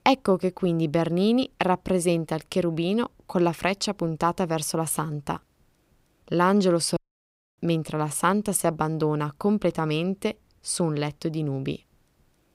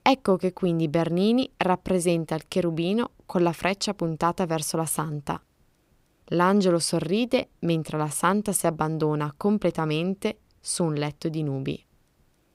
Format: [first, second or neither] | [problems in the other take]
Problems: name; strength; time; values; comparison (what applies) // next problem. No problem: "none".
second | audio cutting out; at 7 s for 0.5 s